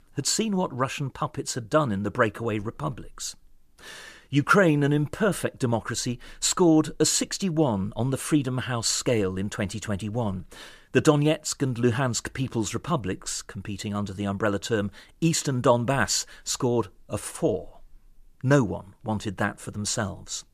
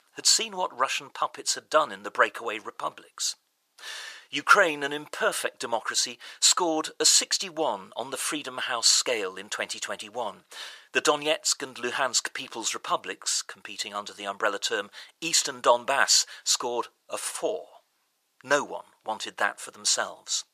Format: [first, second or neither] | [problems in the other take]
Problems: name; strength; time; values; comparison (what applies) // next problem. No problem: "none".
first | thin; very; fading below 750 Hz